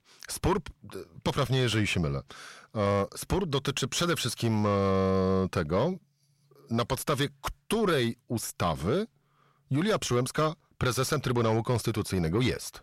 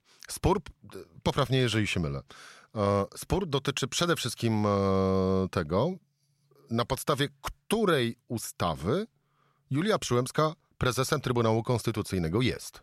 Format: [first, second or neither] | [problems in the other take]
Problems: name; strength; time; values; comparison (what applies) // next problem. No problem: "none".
second | distortion; slight; 10 dB below the speech